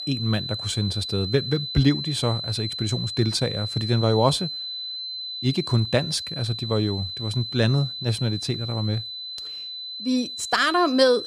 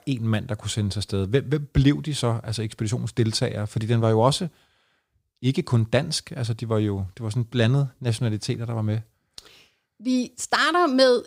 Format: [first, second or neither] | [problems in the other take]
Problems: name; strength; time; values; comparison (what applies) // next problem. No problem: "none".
second | high-pitched whine; loud; throughout; 4 kHz, 6 dB below the speech